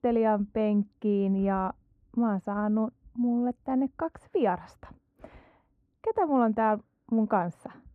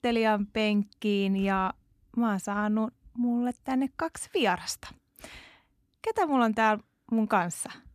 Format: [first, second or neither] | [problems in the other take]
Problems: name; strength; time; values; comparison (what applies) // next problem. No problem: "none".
second | muffled; very; fading above 2.5 kHz